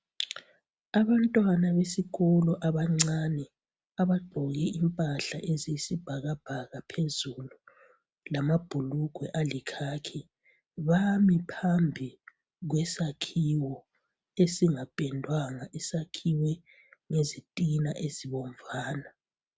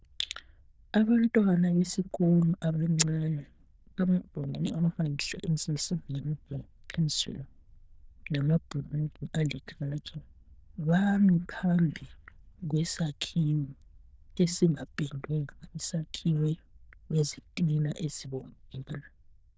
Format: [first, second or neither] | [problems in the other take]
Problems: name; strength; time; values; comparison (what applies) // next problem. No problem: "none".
first | noise reduction (neural diffusion model UNIVERSE++)